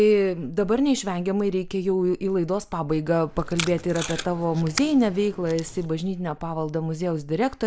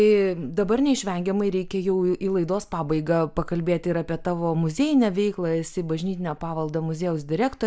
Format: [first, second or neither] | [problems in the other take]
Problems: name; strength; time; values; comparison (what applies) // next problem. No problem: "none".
second | background sound (Packing tape, duct tape); 12 dB below the speech